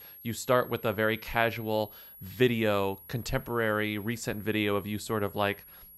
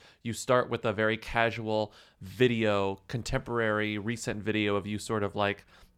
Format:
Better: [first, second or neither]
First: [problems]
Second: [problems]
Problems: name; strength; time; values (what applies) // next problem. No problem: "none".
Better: second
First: high-pitched whine; noticeable; throughout; 11.5 kHz, 20 dB below the speech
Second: none